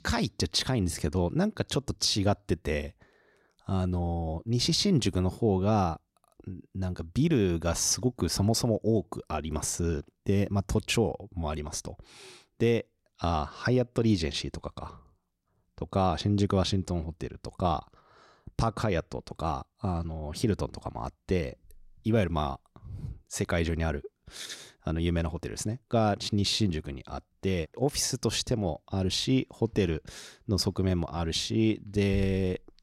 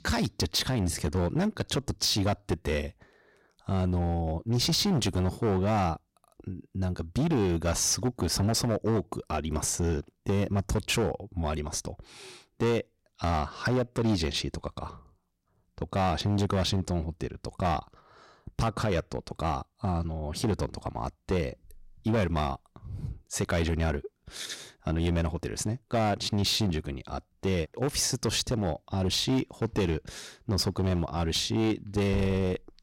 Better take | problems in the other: first | distortion; slight; 9% of the sound clipped

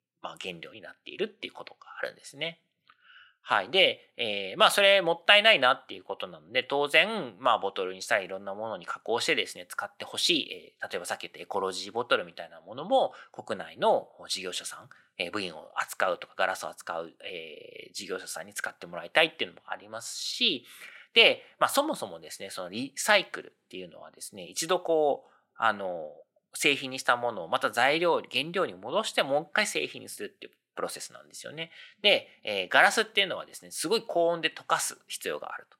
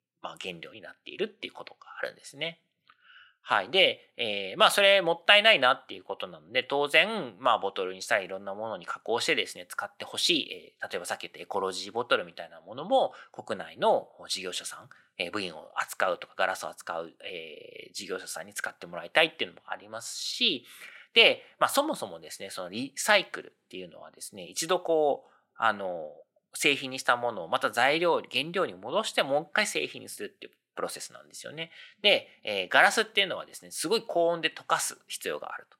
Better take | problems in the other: neither | thin; somewhat; fading below 400 Hz; the same in both

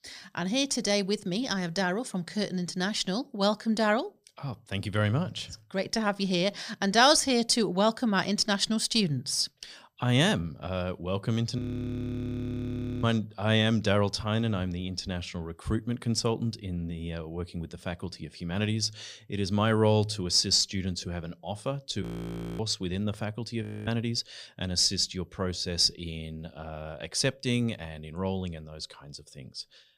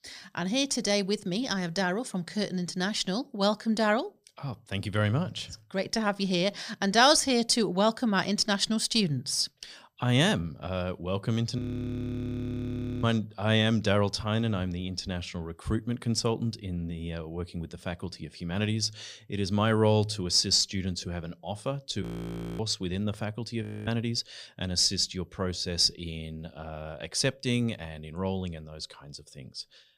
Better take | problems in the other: neither | audio freezing; at 12 s for 1.5 s, at 22 s for 0.5 s and at 24 s; the same in both

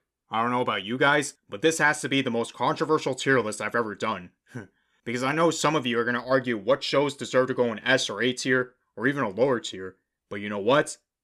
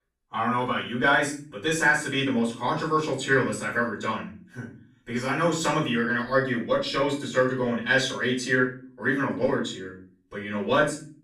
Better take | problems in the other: first | off-mic speech; far // room echo; slight; dies away in 0.4 s

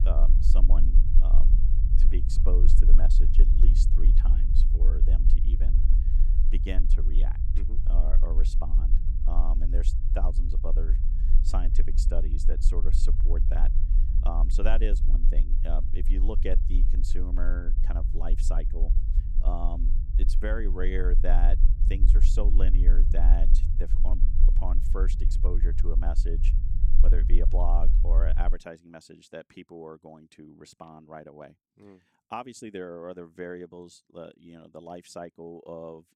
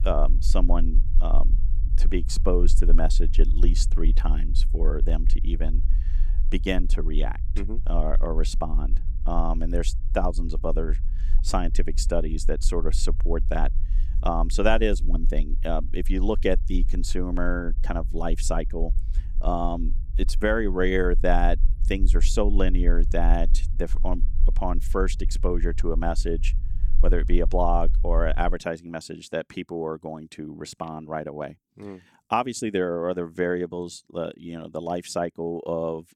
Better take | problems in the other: second | low rumble; loud; until 28 s; 8 dB below the speech; faint in the second

